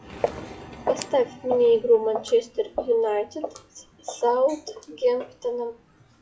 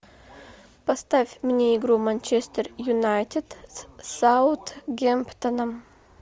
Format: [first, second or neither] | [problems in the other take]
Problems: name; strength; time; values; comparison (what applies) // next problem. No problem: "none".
second | noise reduction (classical method WPE with log-MMSE)